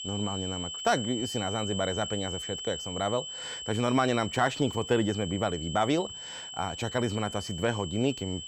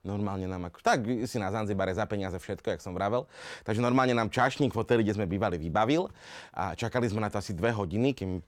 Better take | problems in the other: second | high-pitched whine; loud; throughout; 3 kHz, 7 dB below the speech

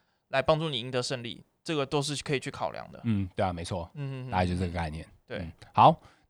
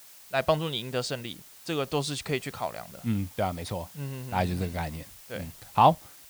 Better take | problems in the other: first | hiss; noticeable; throughout; 20 dB below the speech

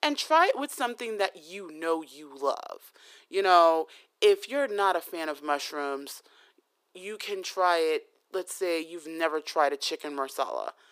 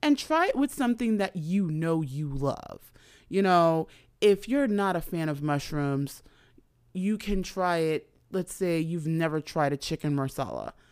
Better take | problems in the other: second | thin; very; fading below 350 Hz

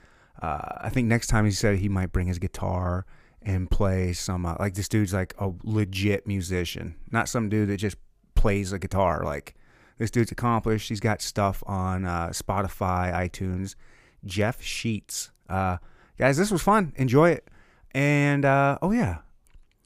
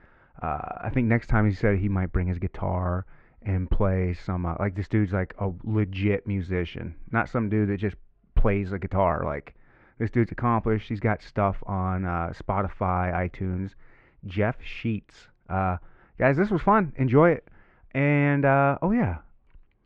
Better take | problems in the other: first | muffled; very; fading above 2.5 kHz

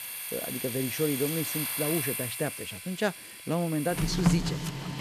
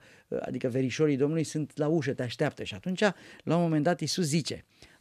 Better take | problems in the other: second | household noises; very loud; throughout; as loud as the speech

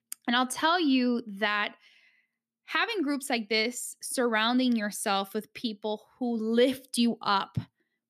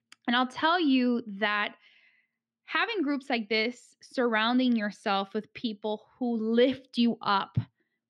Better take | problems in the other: first | muffled; very slightly; fading above 4 kHz

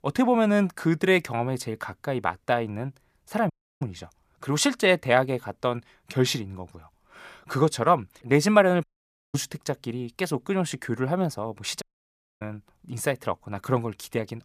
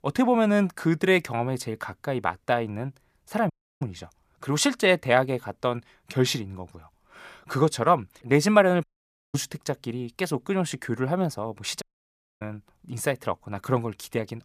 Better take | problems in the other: neither | audio cutting out; at 3.5 s, at 9 s for 0.5 s and at 12 s for 0.5 s; the same in both

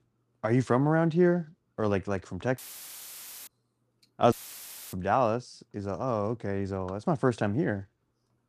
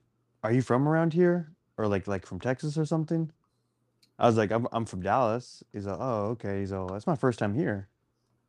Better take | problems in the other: second | audio cutting out; filled with static; at 2.5 s for 1 s and at 4.5 s for 0.5 s

